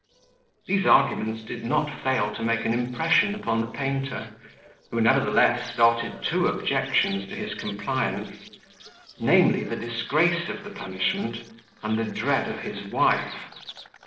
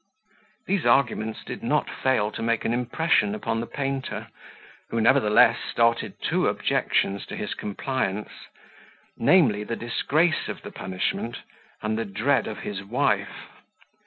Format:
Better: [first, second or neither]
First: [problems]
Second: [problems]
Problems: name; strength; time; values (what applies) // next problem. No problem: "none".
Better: second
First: noise reduction (neural separator model SepFormer DNS4)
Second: none